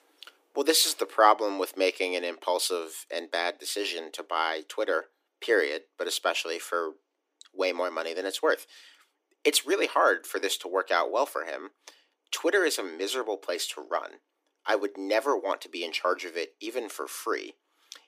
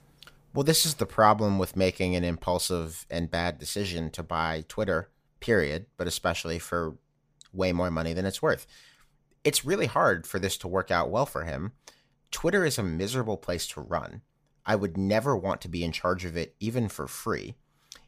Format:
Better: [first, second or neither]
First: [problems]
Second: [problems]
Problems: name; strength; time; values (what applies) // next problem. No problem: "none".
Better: second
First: thin; somewhat; fading below 300 Hz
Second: none